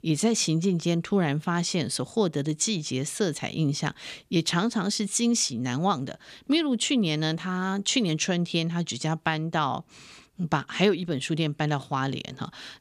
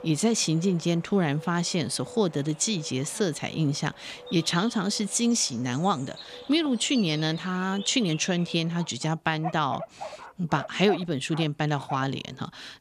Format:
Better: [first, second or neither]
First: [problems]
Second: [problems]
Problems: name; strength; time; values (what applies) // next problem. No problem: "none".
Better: first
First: none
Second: animal sounds; noticeable; throughout; 15 dB below the speech